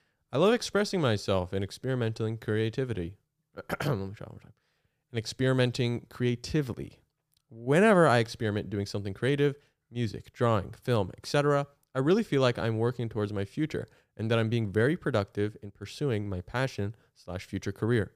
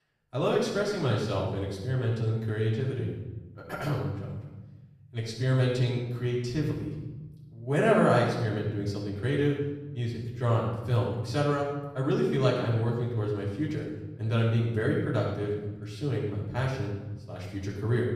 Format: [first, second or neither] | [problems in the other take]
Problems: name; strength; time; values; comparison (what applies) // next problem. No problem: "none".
first | off-mic speech; far // room echo; noticeable; dies away in 1.3 s